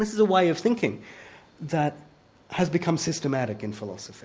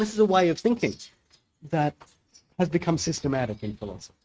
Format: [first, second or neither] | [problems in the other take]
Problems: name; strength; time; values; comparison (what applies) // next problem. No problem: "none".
first | noise reduction (neural mask model RNNoise)